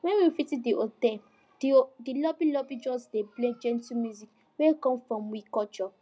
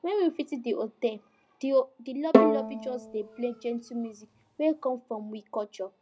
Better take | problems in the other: first | background sound (Bowed string instrument); 3 dB above the speech

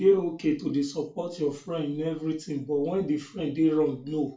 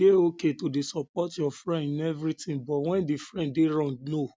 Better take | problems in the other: second | room echo; dies away in 0.3 s

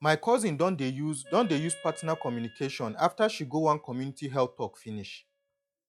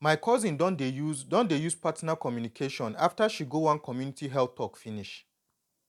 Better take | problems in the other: second | noise reduction (classical method log-MMSE)

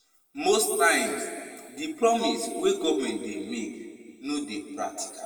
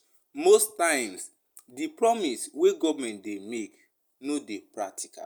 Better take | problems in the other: second | room echo; dies away in 1.7 s

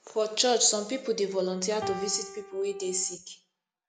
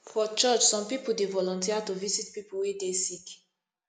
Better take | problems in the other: second | background sound (Piano); 10 dB below the speech

